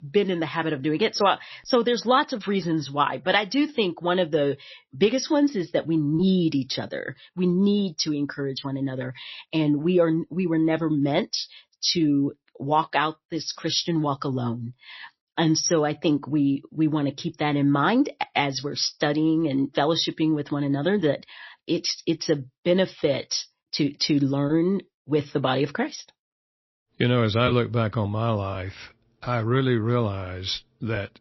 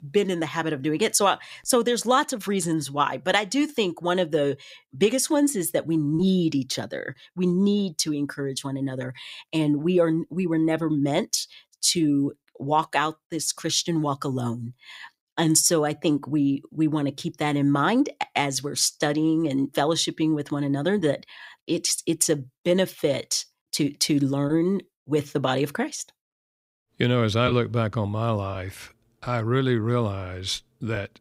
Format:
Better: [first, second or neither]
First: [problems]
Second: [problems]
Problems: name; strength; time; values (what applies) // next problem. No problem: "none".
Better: second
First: garbled, watery; slightly; nothing above 5.5 kHz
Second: none